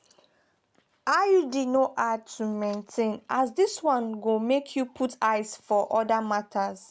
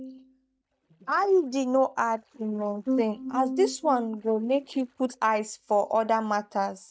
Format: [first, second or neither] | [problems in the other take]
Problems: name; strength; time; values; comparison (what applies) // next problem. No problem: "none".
first | noise reduction (neural mask model DeepFilterNet 3)